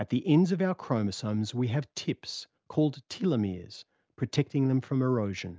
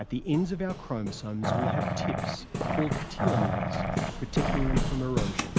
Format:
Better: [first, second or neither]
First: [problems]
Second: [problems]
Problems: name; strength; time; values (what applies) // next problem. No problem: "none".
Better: first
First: none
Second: background sound (Growling + Hammer); 3 dB above the speech